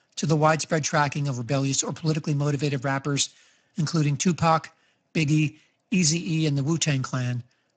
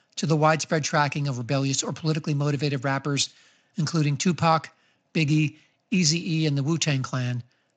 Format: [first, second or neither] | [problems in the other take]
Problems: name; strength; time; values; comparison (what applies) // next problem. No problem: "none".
second | garbled, watery; badly; nothing above 7.5 kHz; slightly in the second